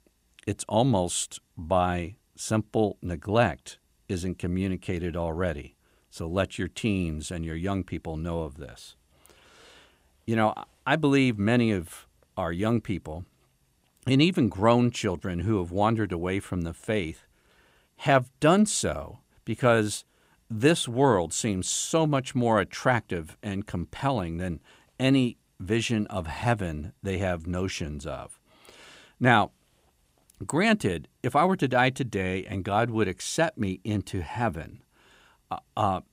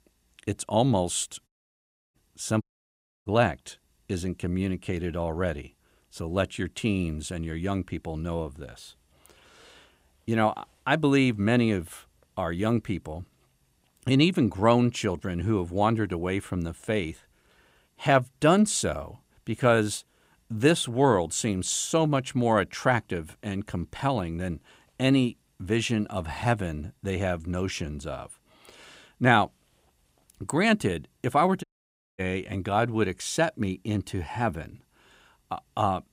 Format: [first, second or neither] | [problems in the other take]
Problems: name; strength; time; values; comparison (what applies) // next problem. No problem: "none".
first | audio cutting out; at 1.5 s for 0.5 s, at 2.5 s for 0.5 s and at 32 s for 0.5 s